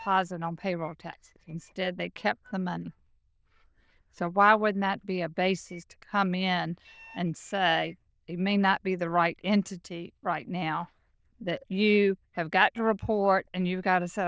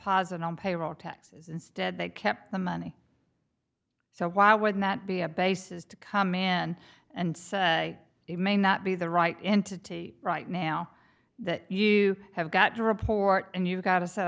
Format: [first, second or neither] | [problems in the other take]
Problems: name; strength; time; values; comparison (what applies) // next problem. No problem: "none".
second | noise reduction (neural diffusion model UNIVERSE++)